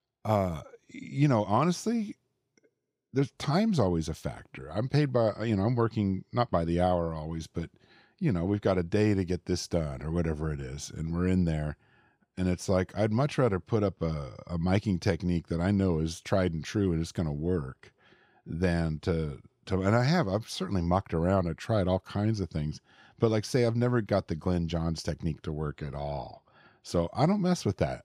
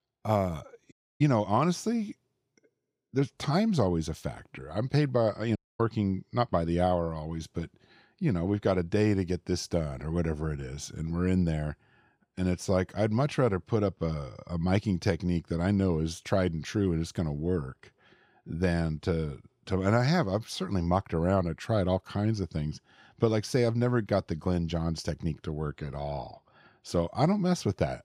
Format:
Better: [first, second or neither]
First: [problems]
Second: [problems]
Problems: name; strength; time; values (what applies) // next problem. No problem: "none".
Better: first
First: none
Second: audio cutting out; at 1 s and at 5.5 s